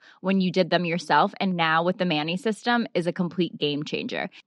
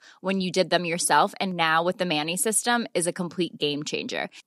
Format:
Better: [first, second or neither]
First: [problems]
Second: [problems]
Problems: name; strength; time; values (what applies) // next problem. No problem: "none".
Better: second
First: muffled; very slightly; fading above 4 kHz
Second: none